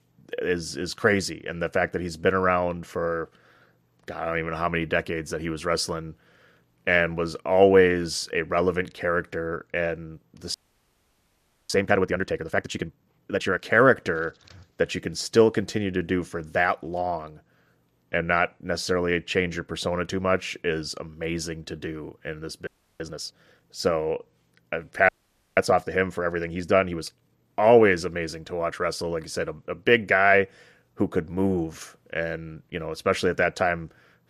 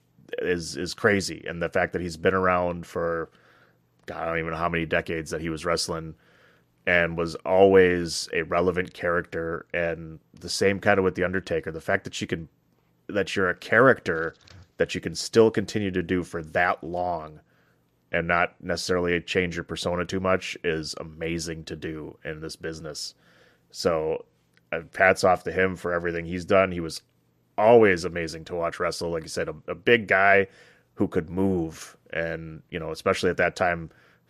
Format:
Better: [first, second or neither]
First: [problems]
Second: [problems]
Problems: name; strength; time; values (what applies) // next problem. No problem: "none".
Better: second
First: audio freezing; at 11 s for 1 s, at 23 s and at 25 s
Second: none